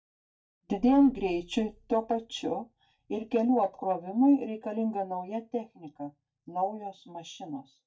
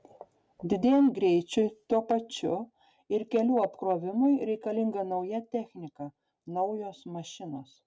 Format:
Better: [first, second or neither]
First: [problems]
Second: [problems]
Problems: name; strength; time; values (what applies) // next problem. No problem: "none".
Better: second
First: noise reduction (neural mask model DeepFilterNet 3)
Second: none